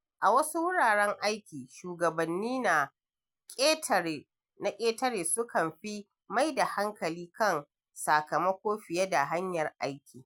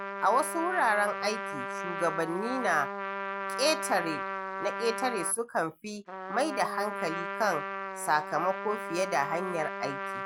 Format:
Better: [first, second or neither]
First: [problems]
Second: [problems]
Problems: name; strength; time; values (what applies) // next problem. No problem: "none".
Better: first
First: none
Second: background sound (Trumpet); 5 dB below the speech